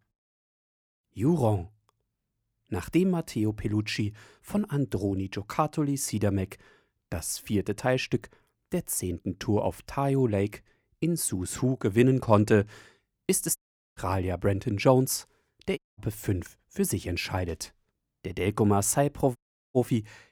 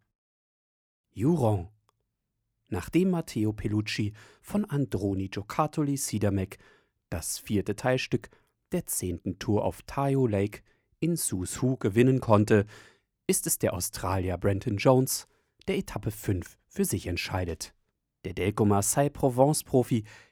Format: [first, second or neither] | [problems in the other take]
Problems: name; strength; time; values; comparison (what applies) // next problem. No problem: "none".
second | audio cutting out; at 14 s, at 16 s and at 19 s